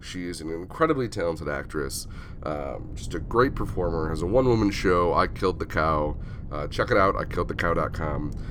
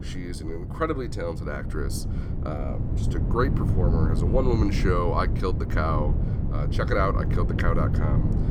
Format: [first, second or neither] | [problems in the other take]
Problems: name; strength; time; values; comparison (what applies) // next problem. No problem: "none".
first | wind noise on the microphone; heavy; 8 dB below the speech; occasional gusts in the first